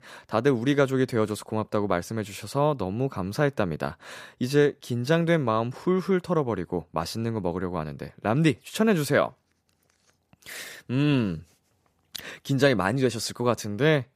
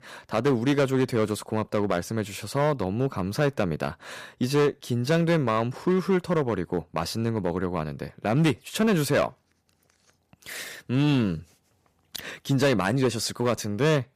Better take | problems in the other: first | distortion; slight; 6% of the sound clipped

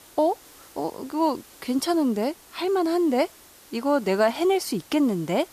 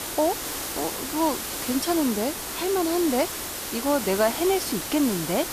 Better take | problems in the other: first | hiss; loud; throughout; 4 dB below the speech; faint in the first

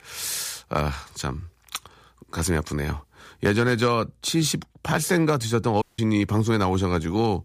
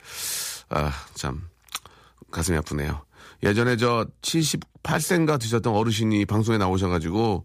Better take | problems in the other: second | audio cutting out; at 6 s

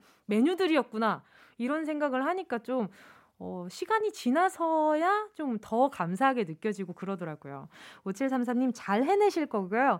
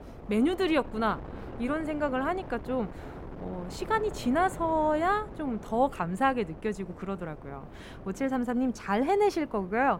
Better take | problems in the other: first | wind noise on the microphone; occasional gusts; 20 dB below the speech

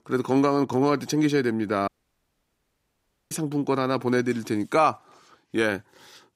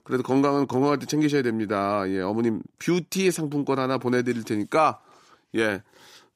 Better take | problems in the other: second | audio cutting out; at 2 s for 1.5 s

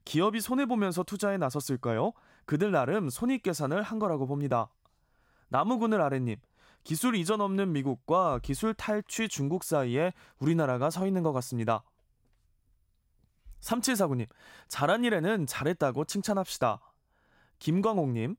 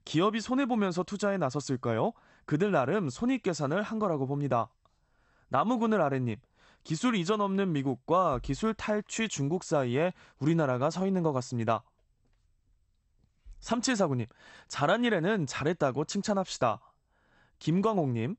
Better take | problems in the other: first | garbled, watery; slightly; nothing above 8 kHz

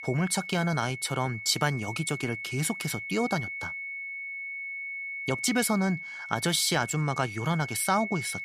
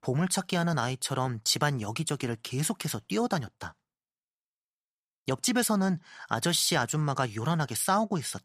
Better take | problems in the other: second | high-pitched whine; loud; throughout; 2 kHz, 8 dB below the speech

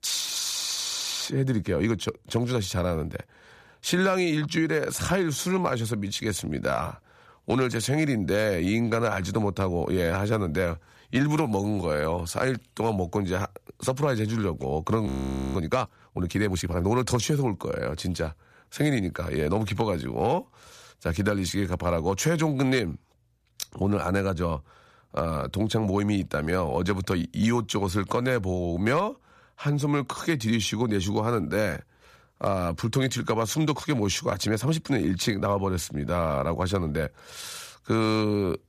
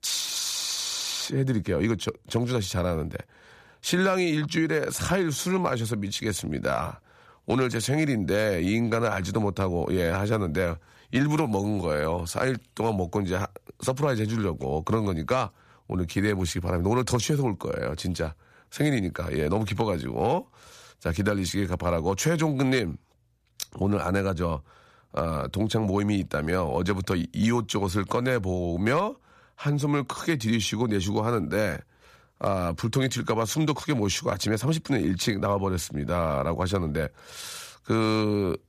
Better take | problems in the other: second | audio freezing; at 15 s

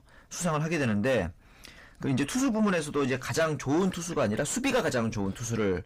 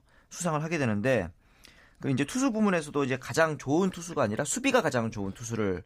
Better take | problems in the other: second | distortion; heavy; 7 dB below the speech

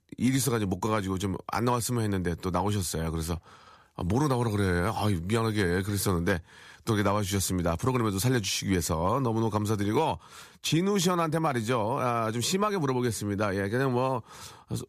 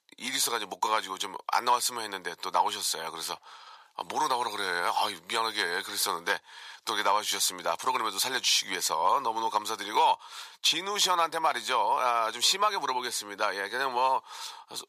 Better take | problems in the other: first | thin; very; fading below 800 Hz

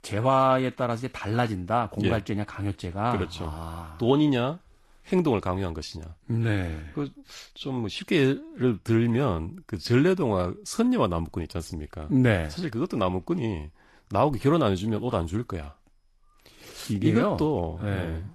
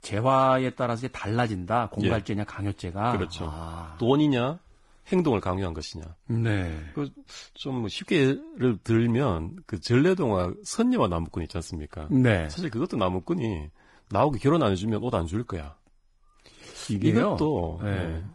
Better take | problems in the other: first | garbled, watery; badly; nothing above 10.5 kHz; slightly in the first

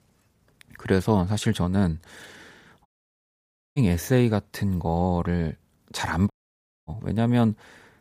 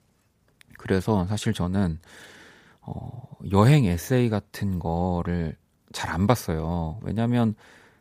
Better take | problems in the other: second | audio cutting out; at 3 s for 1 s and at 6.5 s for 0.5 s

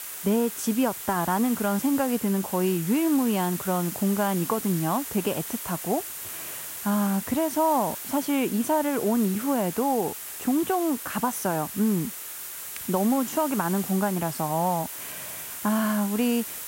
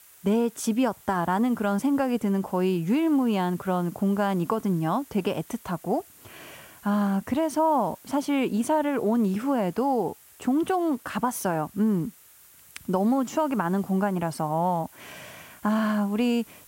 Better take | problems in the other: second | hiss; loud; throughout; 8 dB below the speech; faint in the second

